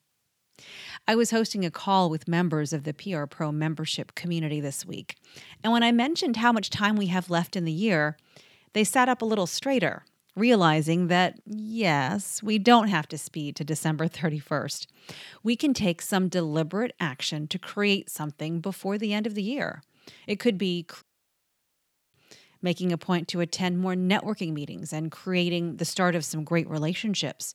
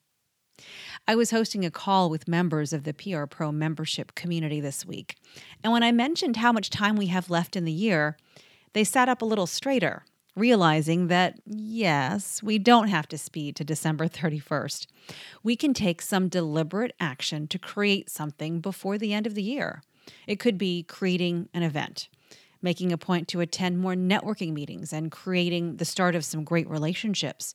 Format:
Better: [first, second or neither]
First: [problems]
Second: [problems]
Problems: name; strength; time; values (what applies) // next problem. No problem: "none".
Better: second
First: audio cutting out; at 21 s for 1 s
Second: none